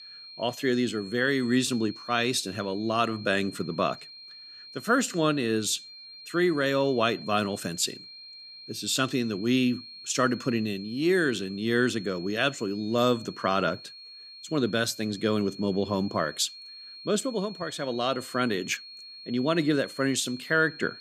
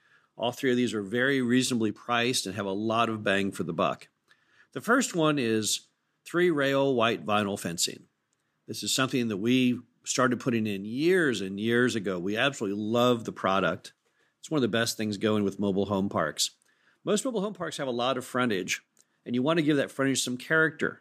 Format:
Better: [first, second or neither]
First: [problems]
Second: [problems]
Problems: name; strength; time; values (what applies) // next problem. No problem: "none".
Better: second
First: high-pitched whine; noticeable; throughout; 4 kHz, 15 dB below the speech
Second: none